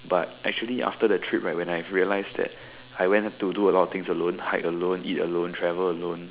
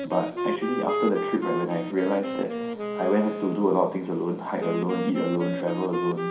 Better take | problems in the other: first | background sound (Wind instrument, woodwind instrument); 4 dB below the speech // room echo; dies away in 0.5 s

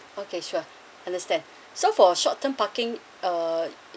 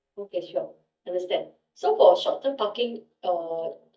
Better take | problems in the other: first | noise reduction (neural mask model DeepFilterNet 3)

